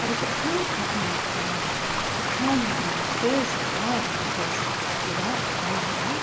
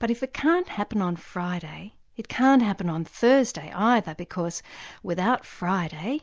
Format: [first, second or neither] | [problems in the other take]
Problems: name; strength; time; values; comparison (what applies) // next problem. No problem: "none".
second | background sound (Stream); 4 dB above the speech // room echo; dies away in 1.9 s